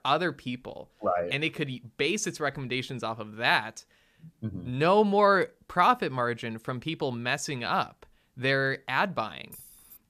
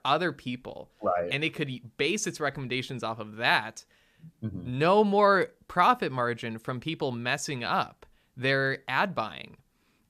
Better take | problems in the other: second | jangling keys; faint; at 9.5 s; peak 20 dB below the speech

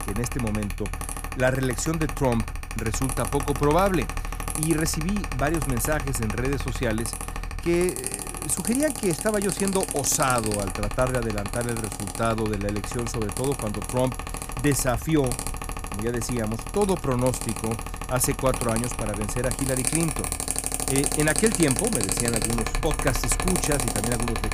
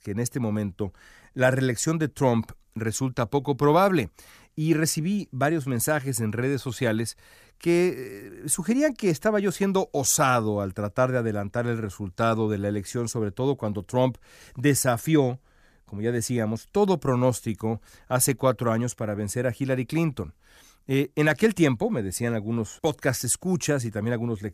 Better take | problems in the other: second | machinery noise; loud; throughout; 3 dB below the speech

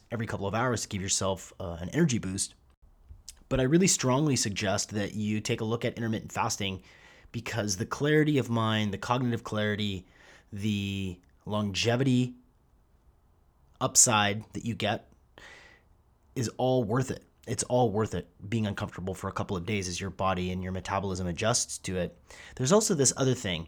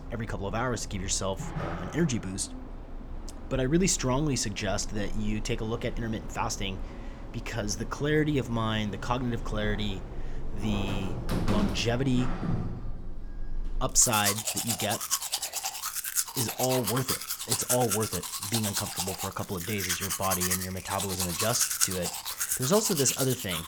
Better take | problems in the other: first | household noises; loud; throughout; 2 dB below the speech

